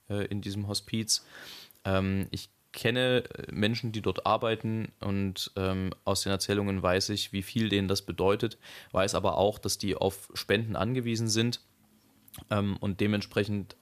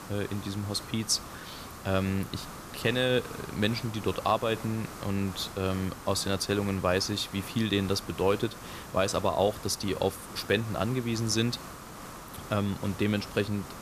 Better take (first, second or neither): first